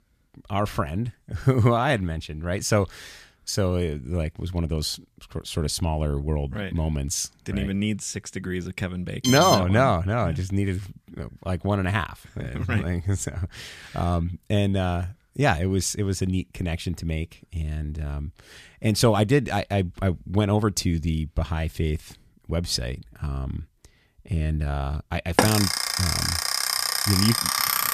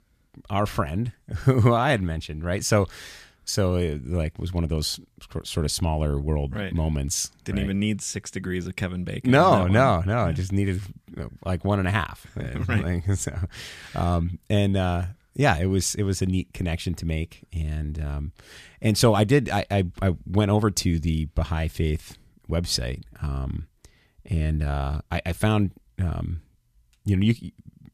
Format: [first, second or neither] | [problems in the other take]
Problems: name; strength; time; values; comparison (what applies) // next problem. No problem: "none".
second | alarm; loud; at 9 s and from 25 s on; peak 5 dB above the speech